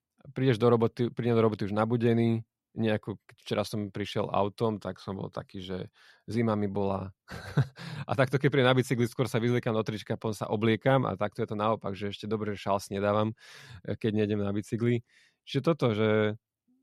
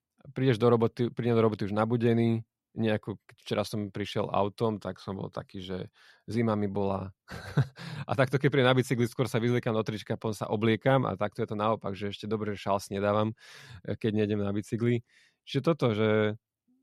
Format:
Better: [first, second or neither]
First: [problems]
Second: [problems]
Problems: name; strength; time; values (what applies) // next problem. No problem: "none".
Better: neither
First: none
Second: none